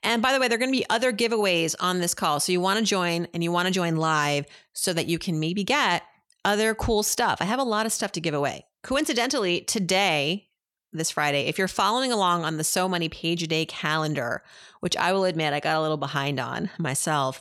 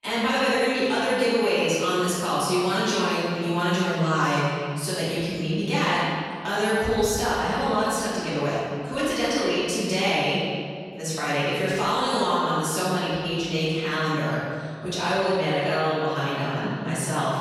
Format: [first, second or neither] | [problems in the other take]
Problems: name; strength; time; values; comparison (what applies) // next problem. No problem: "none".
first | off-mic speech; far // room echo; strong; dies away in 2.1 s